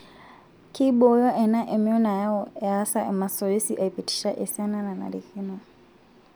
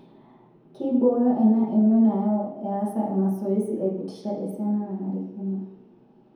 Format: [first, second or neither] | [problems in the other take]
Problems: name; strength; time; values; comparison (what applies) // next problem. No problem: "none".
first | room echo; dies away in 1 s